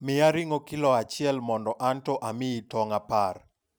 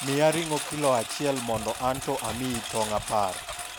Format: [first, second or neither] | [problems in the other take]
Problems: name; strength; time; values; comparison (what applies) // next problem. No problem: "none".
first | background sound (Engine); 8 dB below the speech